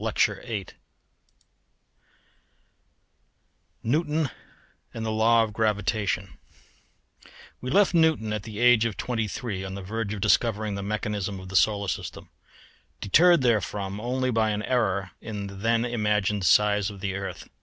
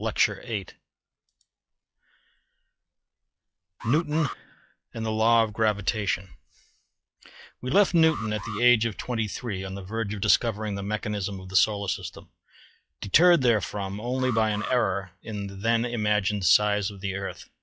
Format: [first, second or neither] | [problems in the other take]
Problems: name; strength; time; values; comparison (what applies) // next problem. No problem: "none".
first | noise reduction (classical method log-MMSE)